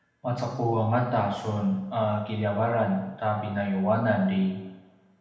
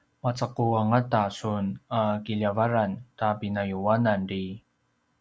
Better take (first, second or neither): second